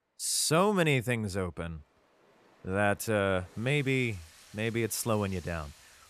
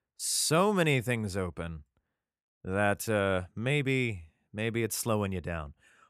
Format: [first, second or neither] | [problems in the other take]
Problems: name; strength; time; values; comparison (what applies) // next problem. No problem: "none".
second | rain or running water; faint; throughout; 25 dB below the speech